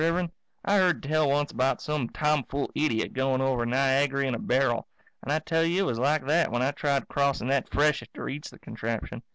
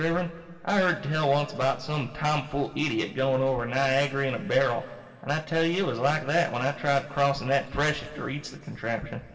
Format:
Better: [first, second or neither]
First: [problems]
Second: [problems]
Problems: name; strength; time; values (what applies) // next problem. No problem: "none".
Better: first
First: none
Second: room echo; dies away in 2.5 s